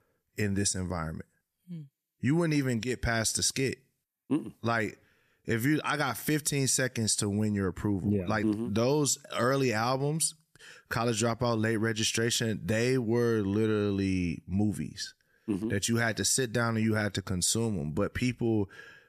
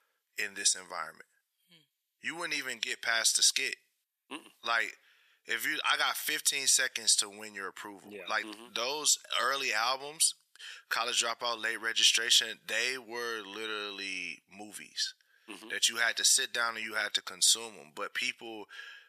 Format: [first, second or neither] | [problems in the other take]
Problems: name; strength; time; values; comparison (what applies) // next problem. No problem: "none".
first | thin; very; fading below 950 Hz